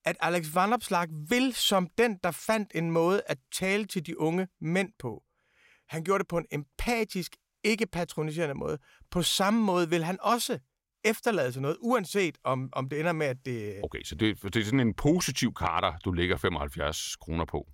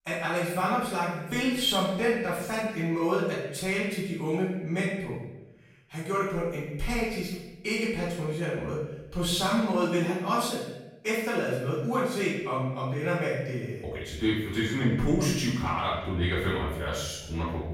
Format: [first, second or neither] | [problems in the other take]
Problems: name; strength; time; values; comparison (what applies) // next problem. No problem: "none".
first | off-mic speech; far // room echo; noticeable; dies away in 0.8 s